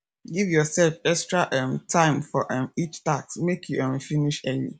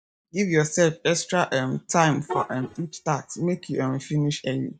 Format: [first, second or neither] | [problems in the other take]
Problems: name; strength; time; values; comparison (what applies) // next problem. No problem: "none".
first | noise reduction (neural mask model DeepFilterNet 3)